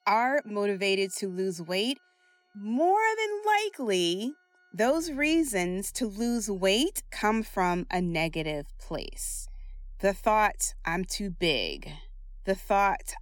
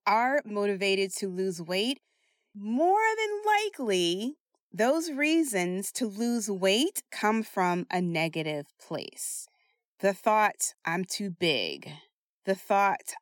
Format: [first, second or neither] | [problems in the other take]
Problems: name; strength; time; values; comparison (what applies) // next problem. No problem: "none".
second | background music; faint; throughout; 25 dB below the speech